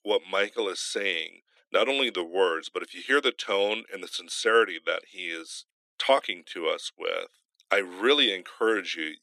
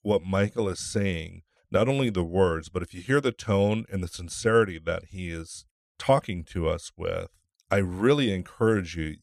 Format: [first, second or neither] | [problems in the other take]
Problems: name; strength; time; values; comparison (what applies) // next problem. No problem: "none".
second | thin; somewhat; fading below 300 Hz